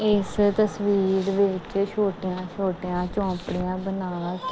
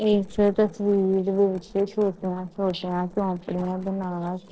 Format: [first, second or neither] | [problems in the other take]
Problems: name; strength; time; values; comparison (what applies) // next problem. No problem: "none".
first | noise reduction (neural separator model SepFormer DNS4)